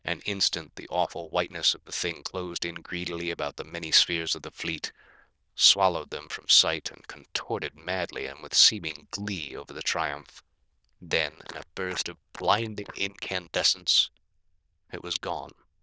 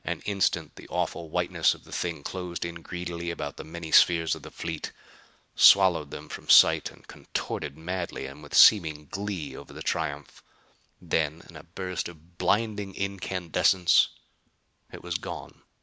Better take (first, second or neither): second